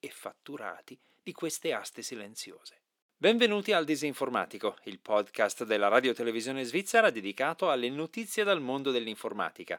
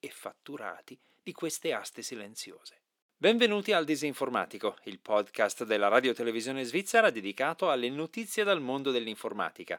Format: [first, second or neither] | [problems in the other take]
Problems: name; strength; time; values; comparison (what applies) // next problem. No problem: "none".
neither | thin; somewhat; fading below 300 Hz; the same in both